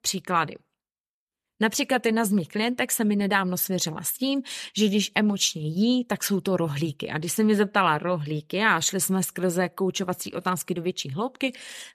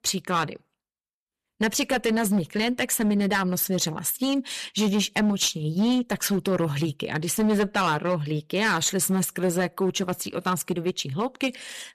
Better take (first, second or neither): first